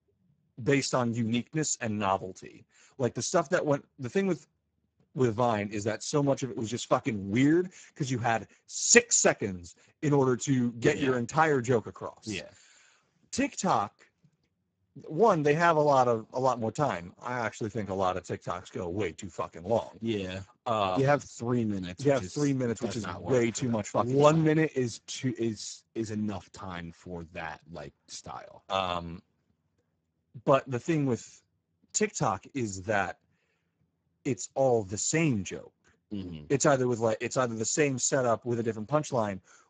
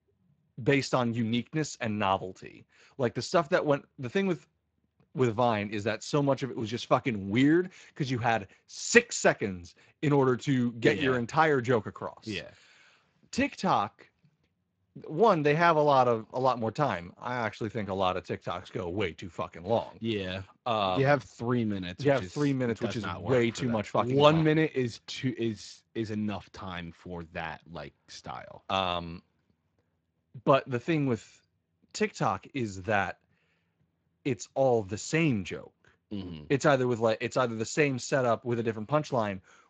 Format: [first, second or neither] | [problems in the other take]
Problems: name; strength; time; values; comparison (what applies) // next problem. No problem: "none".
second | garbled, watery; badly; nothing above 7.5 kHz; slightly in the second